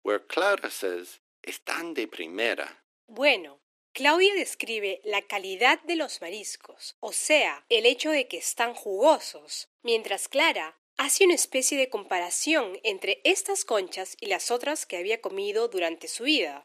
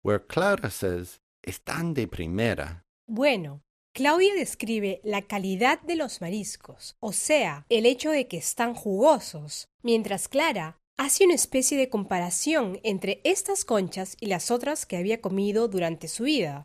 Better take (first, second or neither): second